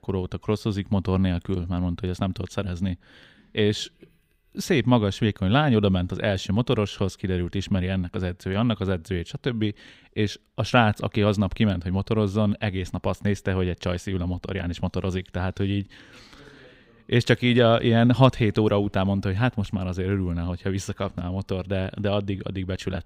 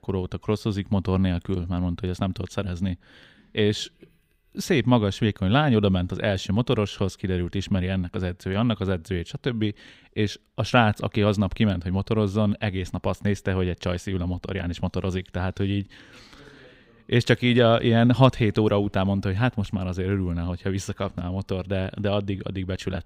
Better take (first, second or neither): neither